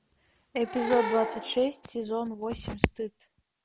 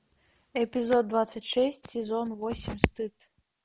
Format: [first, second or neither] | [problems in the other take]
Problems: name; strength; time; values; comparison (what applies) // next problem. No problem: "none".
second | background sound (Animal / Brass instrument); 6 dB below the speech